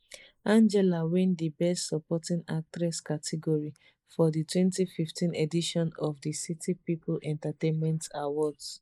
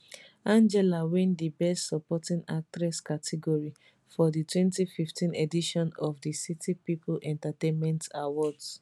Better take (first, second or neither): second